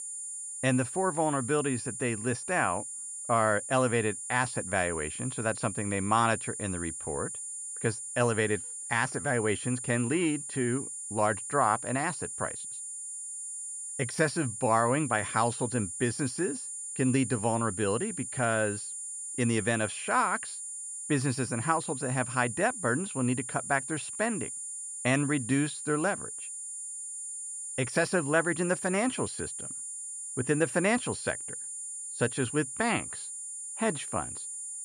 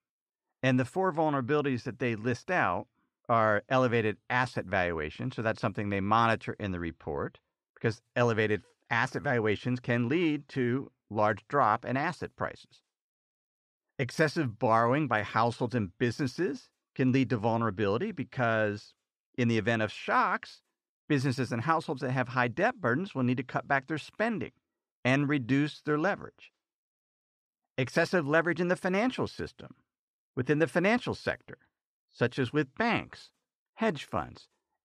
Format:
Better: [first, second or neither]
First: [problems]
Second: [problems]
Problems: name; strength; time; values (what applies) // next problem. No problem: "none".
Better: second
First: high-pitched whine; loud; throughout; 9.5 kHz, 6 dB below the speech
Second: none